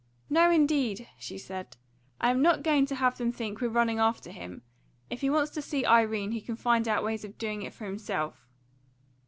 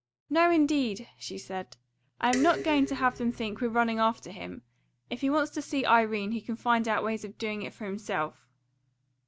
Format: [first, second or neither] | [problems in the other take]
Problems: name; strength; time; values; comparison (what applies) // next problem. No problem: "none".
first | noise reduction (neural mask model DeepFilterNet 3)